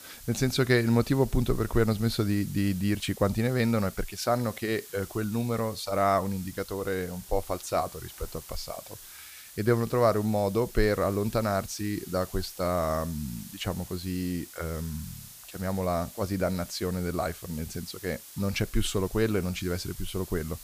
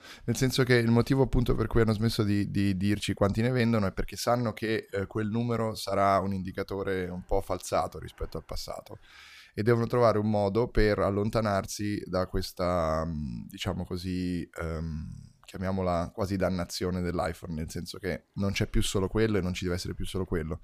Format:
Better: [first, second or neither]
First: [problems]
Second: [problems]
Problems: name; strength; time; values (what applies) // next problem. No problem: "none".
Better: second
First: hiss; noticeable; throughout; 15 dB below the speech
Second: none